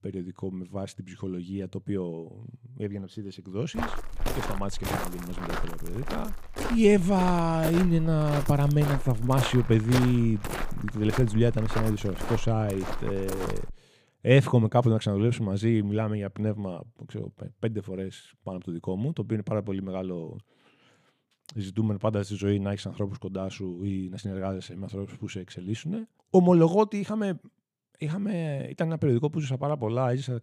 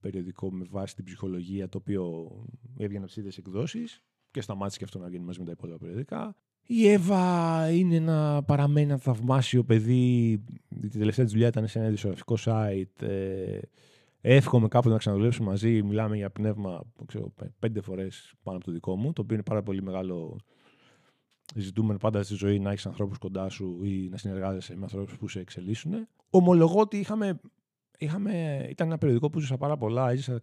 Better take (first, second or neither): second